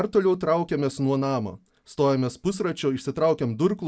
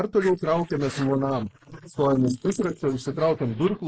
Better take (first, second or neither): first